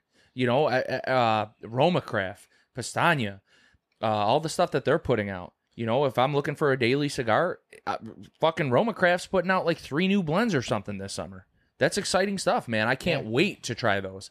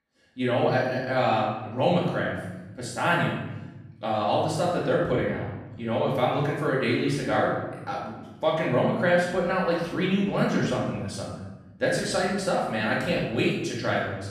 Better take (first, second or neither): first